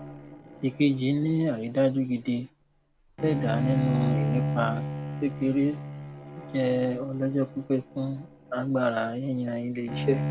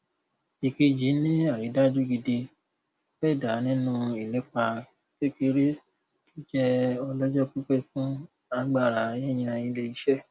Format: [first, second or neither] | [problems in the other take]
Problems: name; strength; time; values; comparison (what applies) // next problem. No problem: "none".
second | background sound (Bowed string instrument); 5 dB below the speech